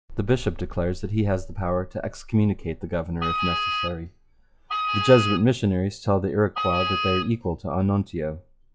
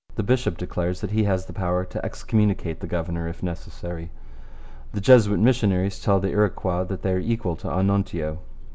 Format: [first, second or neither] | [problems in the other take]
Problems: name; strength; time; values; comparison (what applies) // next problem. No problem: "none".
second | noise reduction (classical method log-MMSE)